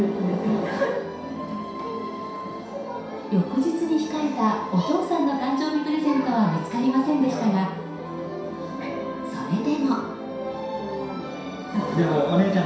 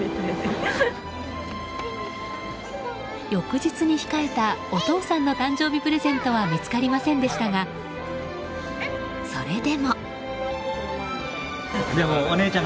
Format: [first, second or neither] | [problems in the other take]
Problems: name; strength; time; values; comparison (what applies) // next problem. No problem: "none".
second | room echo; dies away in 0.7 s